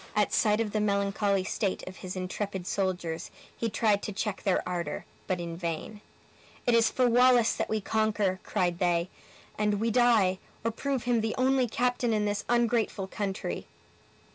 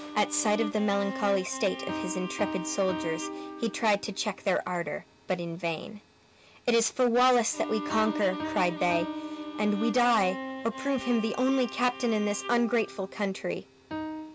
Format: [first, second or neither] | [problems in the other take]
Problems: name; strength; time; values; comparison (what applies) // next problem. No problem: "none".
first | background sound (Bowed string instrument + Piano); 9 dB below the speech